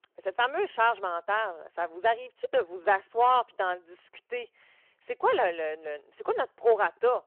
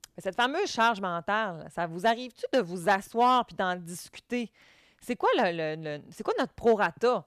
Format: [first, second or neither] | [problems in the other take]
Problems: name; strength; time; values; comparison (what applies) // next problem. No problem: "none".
second | phone-call audio